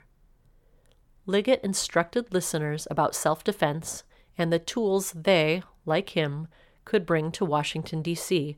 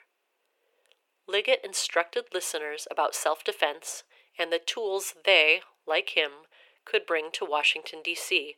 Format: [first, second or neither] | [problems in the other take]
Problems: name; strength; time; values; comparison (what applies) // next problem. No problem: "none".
first | thin; very; fading below 400 Hz